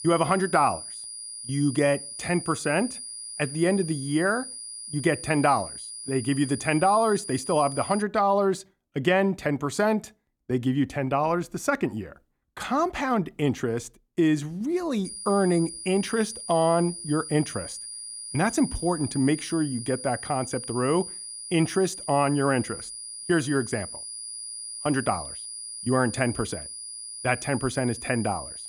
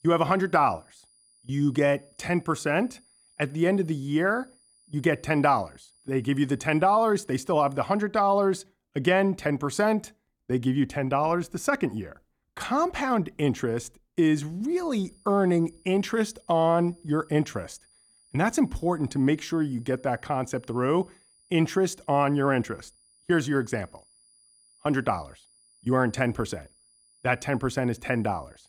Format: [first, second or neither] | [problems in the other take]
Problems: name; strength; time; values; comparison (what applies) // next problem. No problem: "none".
second | high-pitched whine; loud; until 8 s and from 15 s on; 9.5 kHz, 9 dB below the speech; faint in the second